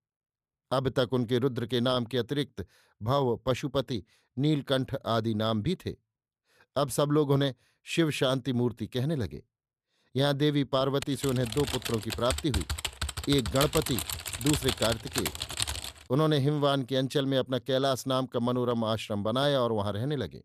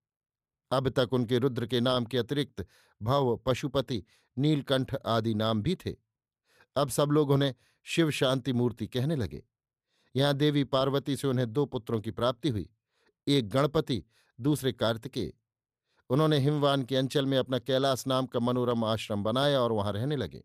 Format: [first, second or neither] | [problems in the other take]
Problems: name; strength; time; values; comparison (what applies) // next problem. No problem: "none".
second | keyboard typing; noticeable; from 11 to 16 s; peak 1 dB below the speech